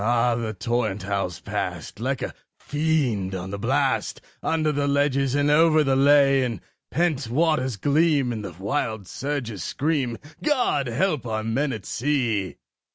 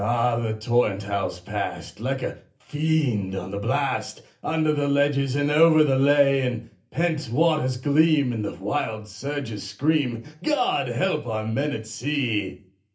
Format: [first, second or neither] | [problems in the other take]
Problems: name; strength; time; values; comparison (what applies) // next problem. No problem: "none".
first | room echo; dies away in 0.3 s